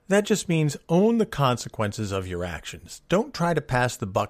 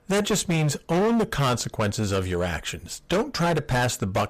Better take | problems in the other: first | distortion; heavy; 19% of the sound clipped

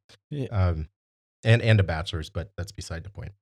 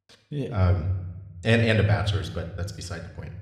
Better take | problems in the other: first | room echo; slight; dies away in 0.8 s

